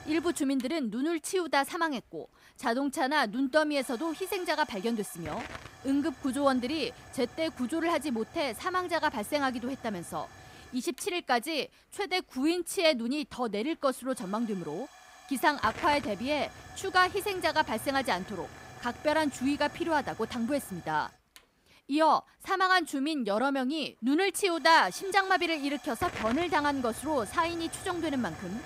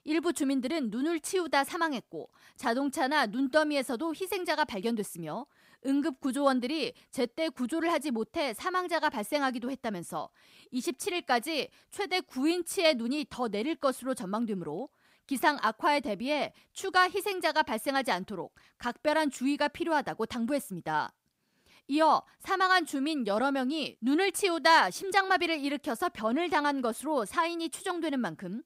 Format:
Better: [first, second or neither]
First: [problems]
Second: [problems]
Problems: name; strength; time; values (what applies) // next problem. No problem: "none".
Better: second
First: hiss; noticeable; throughout; 15 dB below the speech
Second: none